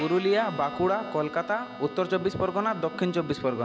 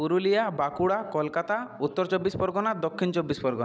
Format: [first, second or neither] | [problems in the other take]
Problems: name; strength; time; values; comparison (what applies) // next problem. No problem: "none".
second | background sound (Bowed string instrument); 14 dB below the speech